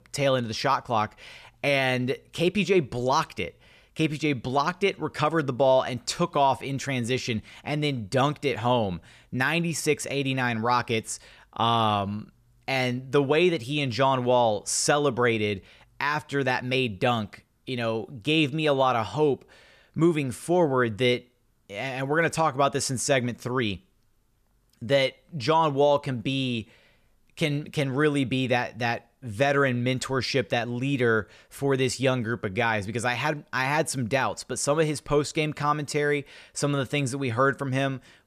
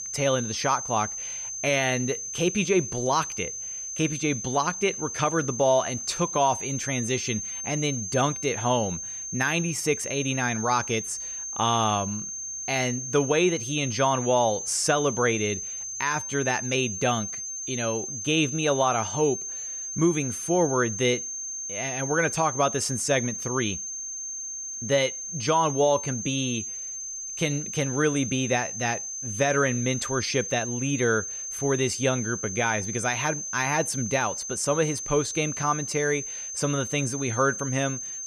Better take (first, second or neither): first